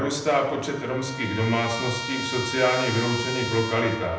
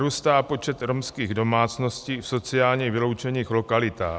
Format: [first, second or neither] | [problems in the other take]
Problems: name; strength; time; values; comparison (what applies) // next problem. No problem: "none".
second | background sound (Trumpet); 8 dB below the speech // room echo; dies away in 0.8 s